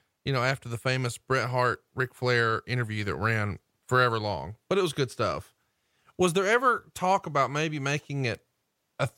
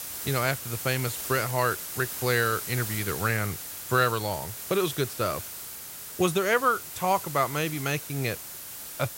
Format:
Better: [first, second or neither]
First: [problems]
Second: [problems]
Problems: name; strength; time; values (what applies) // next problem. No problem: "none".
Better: first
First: none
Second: hiss; loud; throughout; 7 dB below the speech